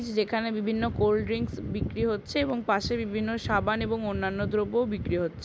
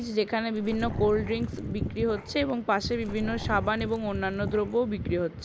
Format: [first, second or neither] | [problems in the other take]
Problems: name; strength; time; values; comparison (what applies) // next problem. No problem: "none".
first | background sound (Growling); 14 dB below the speech